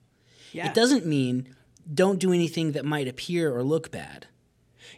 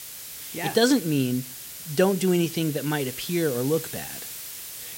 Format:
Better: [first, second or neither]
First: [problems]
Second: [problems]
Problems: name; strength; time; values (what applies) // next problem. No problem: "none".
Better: first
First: none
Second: hiss; noticeable; throughout; 10 dB below the speech